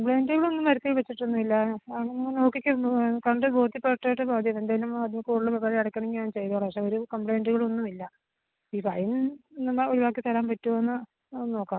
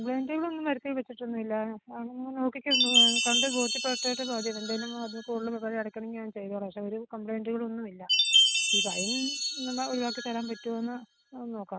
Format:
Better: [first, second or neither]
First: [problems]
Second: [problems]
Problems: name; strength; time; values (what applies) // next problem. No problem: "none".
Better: first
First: none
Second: background sound (Chime); 2 dB above the speech